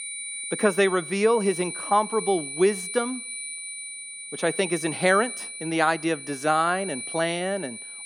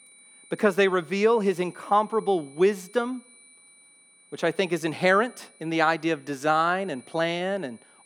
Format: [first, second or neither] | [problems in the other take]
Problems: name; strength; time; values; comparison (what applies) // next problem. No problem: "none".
second | high-pitched whine; loud; throughout; 9.5 kHz, 8 dB below the speech; faint in the second